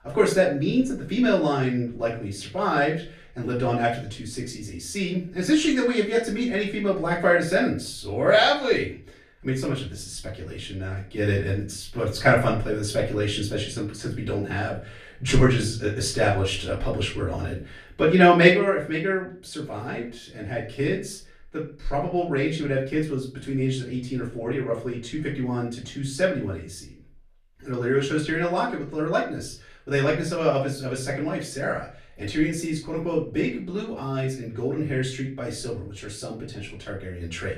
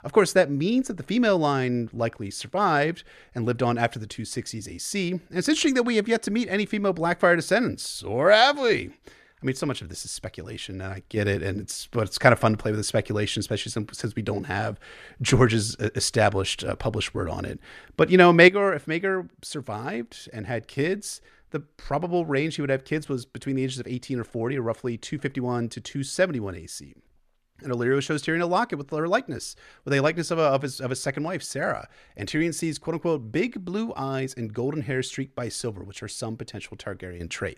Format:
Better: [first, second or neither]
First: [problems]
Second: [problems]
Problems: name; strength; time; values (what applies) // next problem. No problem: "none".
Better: second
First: off-mic speech; far // room echo; slight; dies away in 0.4 s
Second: none